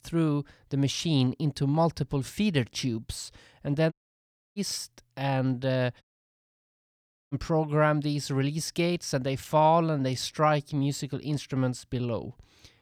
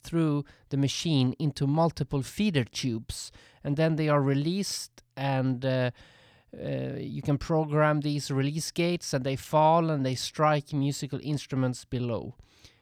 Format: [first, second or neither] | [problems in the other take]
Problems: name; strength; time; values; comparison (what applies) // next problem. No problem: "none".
second | audio cutting out; at 4 s for 0.5 s and at 6 s for 1.5 s